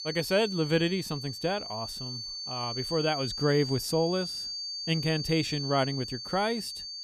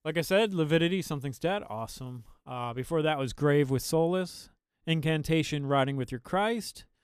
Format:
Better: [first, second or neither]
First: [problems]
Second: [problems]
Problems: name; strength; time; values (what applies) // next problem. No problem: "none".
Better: second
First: high-pitched whine; loud; throughout; 4.5 kHz, 5 dB below the speech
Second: none